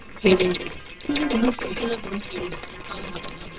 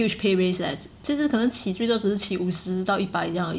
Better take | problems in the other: second | noise reduction (neural separator model SepFormer WHAMR!)

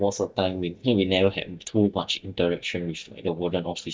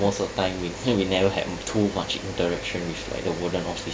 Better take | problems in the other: second | noise reduction (neural mask model DeepFilterNet 3)

